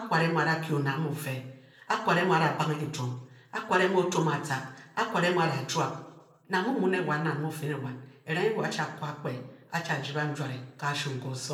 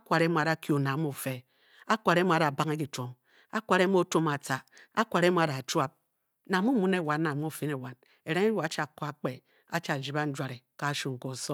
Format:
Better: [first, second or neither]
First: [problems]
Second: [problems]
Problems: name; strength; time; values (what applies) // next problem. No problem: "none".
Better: second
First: room echo; dies away in 0.6 s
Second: none